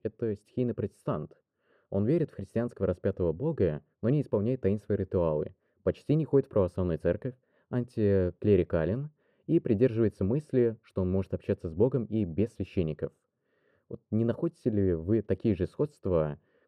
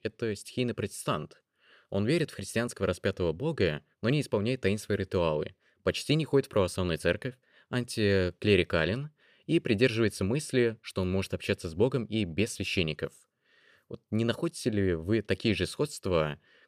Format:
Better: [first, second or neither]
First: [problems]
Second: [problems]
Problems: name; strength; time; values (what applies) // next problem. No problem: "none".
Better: second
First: muffled; very; fading above 1.5 kHz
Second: none